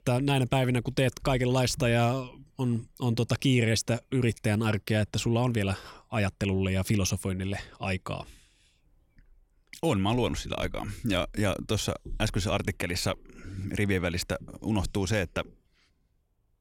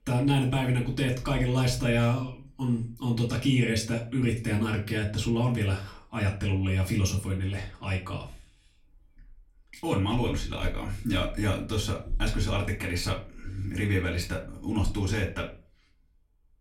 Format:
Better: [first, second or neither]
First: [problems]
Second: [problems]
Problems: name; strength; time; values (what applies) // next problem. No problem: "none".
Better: first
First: none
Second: off-mic speech; far // room echo; very slight; dies away in 0.3 s